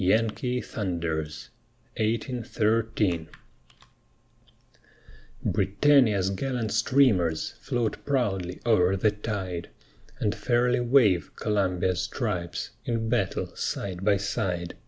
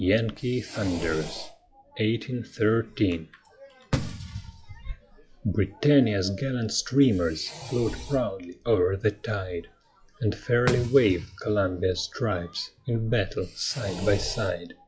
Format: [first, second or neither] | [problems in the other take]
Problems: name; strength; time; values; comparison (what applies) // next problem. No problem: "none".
first | noise reduction (classical method log-MMSE)